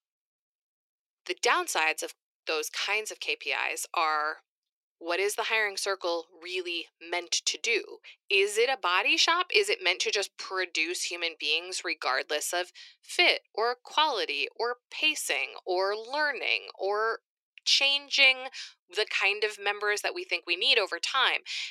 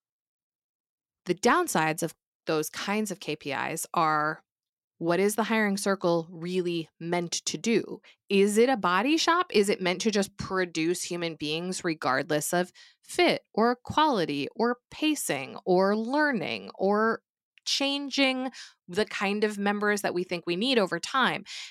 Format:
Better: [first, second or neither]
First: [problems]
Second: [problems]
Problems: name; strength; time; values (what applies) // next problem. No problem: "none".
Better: second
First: thin; very; fading below 400 Hz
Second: none